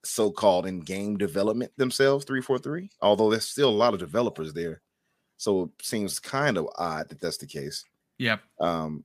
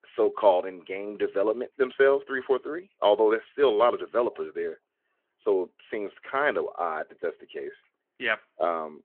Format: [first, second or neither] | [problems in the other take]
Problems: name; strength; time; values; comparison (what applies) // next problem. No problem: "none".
first | phone-call audio